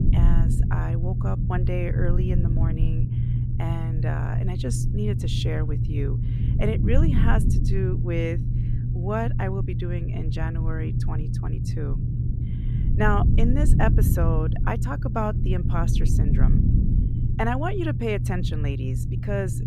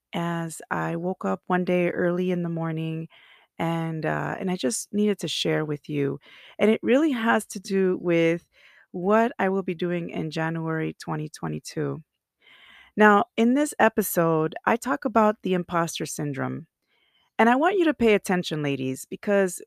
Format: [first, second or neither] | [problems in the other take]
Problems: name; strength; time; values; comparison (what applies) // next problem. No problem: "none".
second | low rumble; loud; throughout; 5 dB below the speech